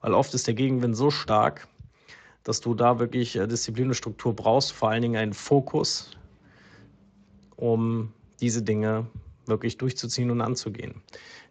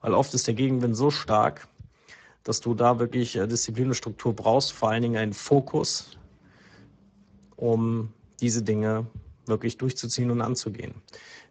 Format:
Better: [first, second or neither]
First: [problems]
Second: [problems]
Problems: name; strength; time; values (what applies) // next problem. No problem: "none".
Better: first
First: garbled, watery; slightly; nothing above 7.5 kHz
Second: garbled, watery; badly; nothing above 7.5 kHz